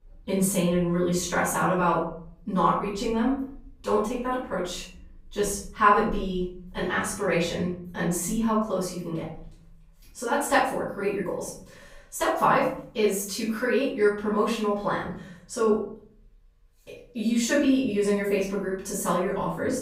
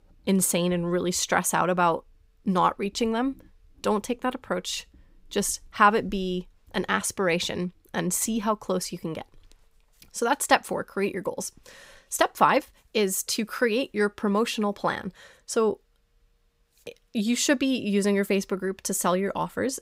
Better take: second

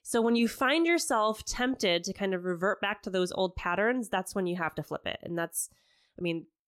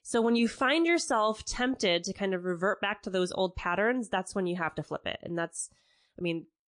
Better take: first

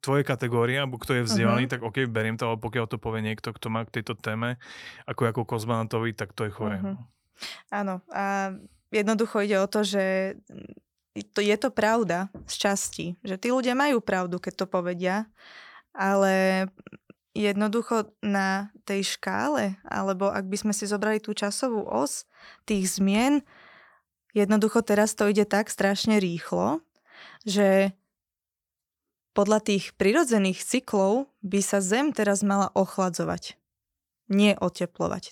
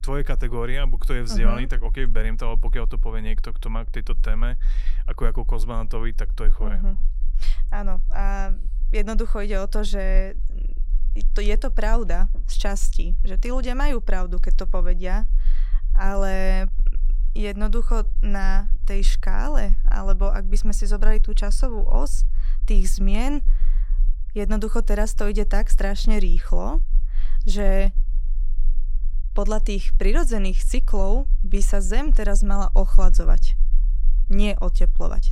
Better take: first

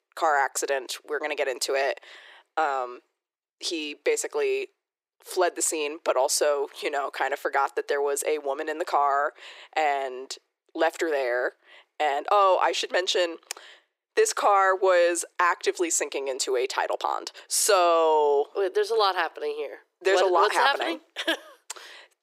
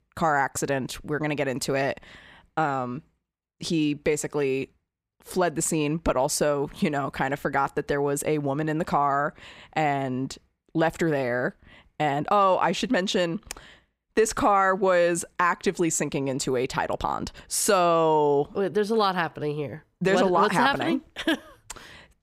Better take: second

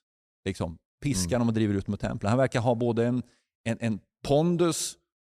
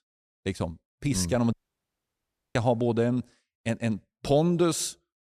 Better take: first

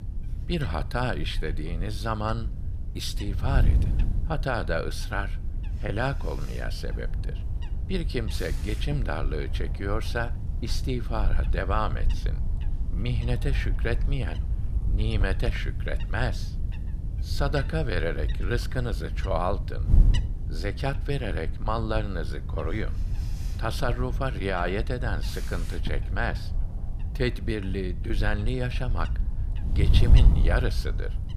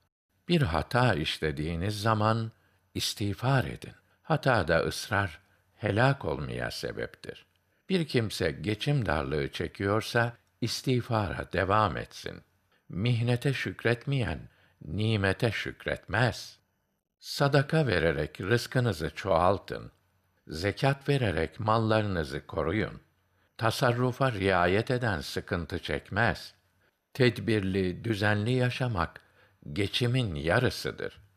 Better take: second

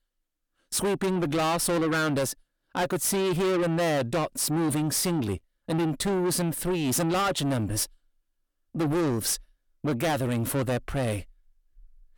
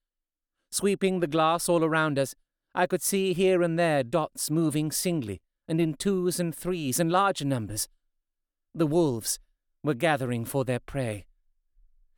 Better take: second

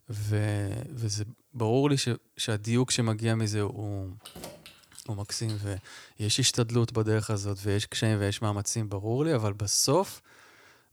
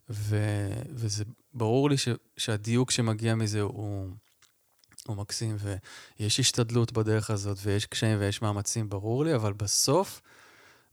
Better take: second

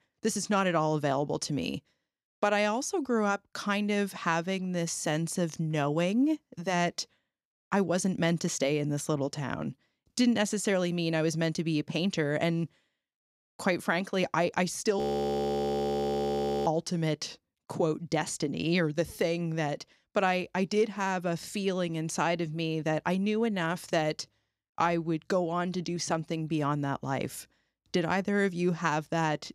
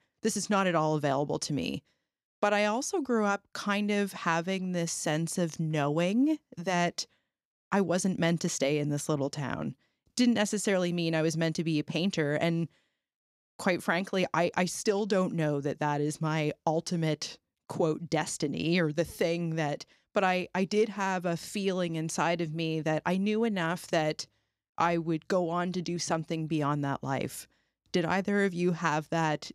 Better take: second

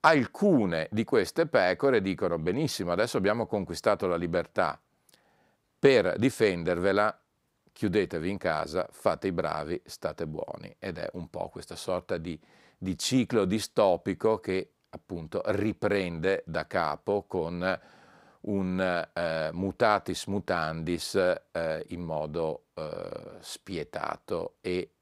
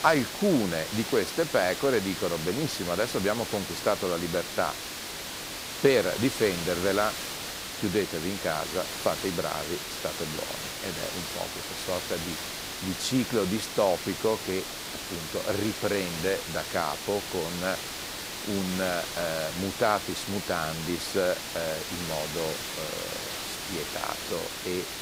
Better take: first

